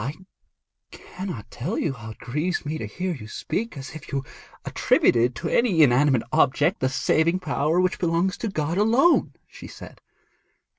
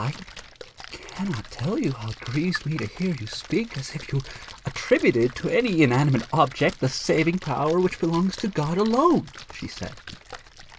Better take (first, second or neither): first